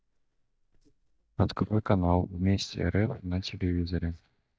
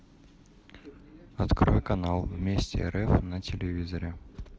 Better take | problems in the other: second | noise reduction (neural mask model DeepFilterNet 3)

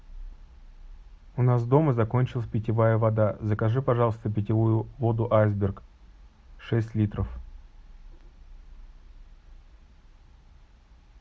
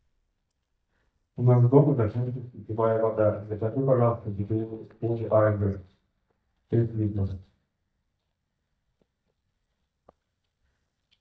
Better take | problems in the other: first | noise reduction (neural mask model DeepFilterNet 3)

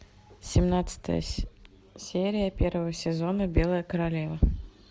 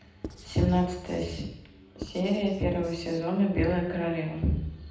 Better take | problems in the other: first | background sound (Writing); 17 dB below the speech // room echo; dies away in 0.8 s

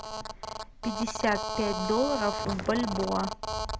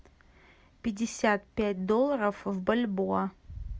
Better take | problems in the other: second | background sound (Telephone + Walk, footsteps); 4 dB below the speech

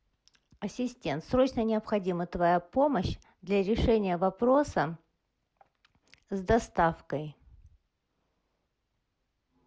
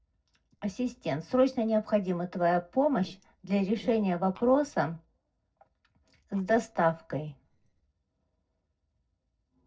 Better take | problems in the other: first | noise reduction (neural separator model SepFormer DNS4)

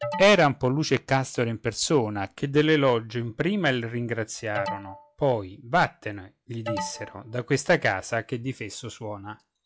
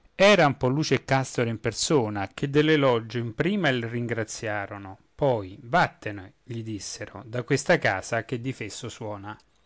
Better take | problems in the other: second | noise reduction (classical method log-MMSE)

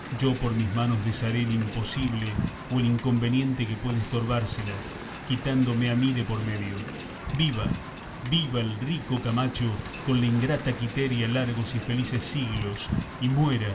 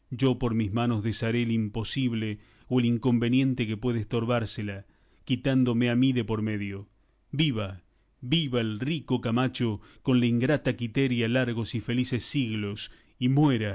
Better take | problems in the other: second | background sound (Wind); 9 dB below the speech // room echo; dies away in 0.5 s

